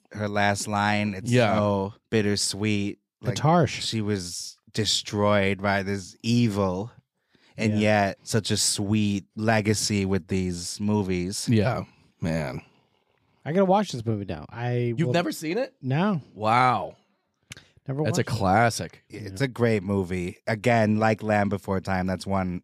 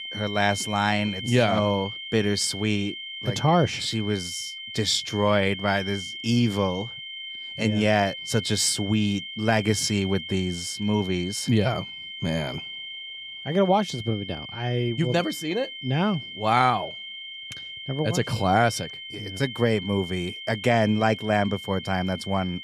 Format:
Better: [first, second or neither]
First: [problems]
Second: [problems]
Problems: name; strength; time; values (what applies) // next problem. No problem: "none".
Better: first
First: none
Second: high-pitched whine; loud; throughout; 3 kHz, 10 dB below the speech